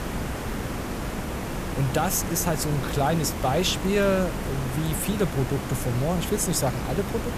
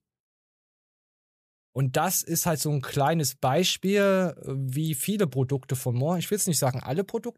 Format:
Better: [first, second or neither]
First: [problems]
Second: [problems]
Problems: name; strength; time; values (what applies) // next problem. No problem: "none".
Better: second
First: hiss; loud; throughout; 5 dB below the speech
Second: none